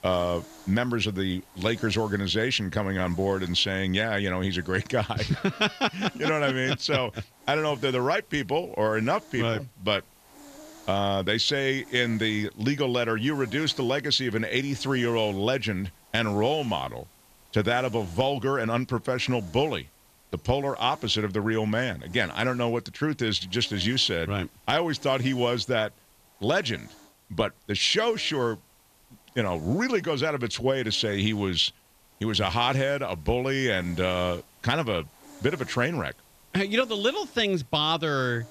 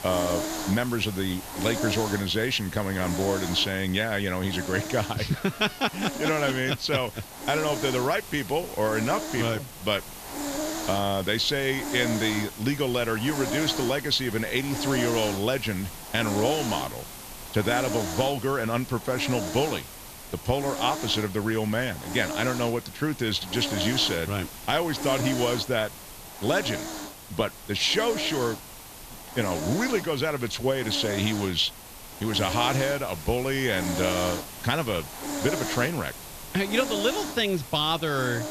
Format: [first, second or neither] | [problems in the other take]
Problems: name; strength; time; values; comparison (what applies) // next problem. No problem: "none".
first | hiss; loud; throughout; 8 dB below the speech; faint in the first